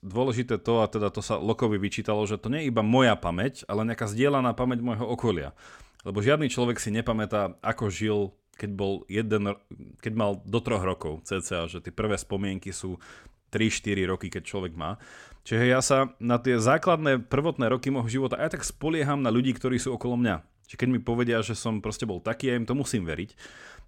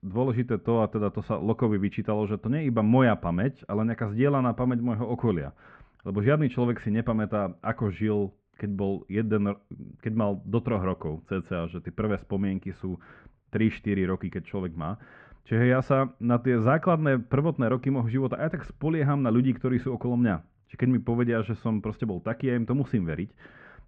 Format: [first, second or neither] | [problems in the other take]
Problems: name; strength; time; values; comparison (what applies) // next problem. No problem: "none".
first | muffled; very; fading above 2 kHz